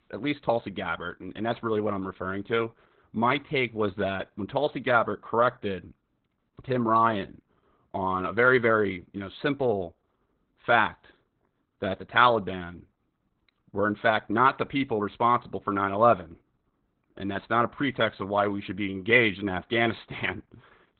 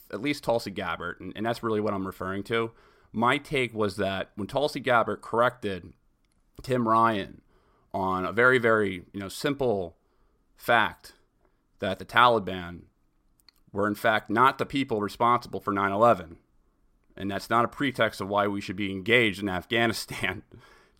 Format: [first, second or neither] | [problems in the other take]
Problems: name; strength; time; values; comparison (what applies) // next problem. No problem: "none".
second | garbled, watery; badly; nothing above 3.5 kHz